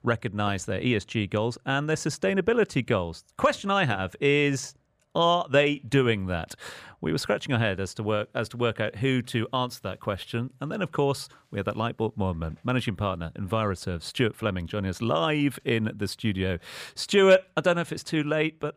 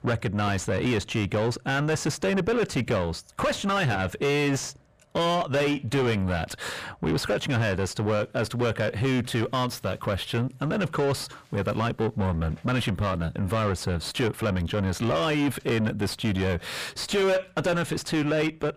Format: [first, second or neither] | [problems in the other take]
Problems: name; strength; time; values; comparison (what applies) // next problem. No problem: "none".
first | distortion; heavy; 5 dB below the speech